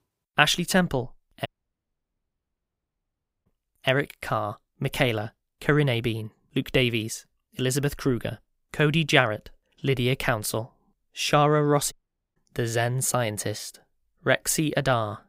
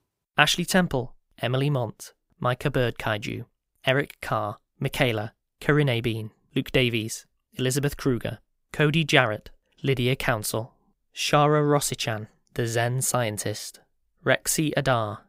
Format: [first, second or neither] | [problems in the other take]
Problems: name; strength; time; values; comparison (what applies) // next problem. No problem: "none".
second | audio cutting out; at 1.5 s for 2 s and at 12 s